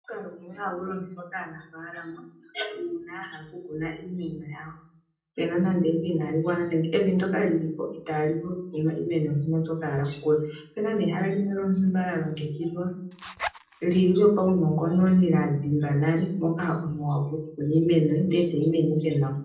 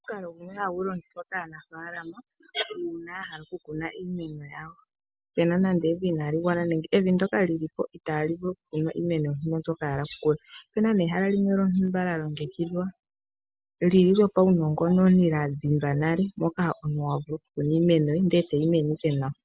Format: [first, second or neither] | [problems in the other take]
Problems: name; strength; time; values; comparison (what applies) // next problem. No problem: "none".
second | background sound (Zipper (clothing)); 12 dB below the speech // room echo; dies away in 0.6 s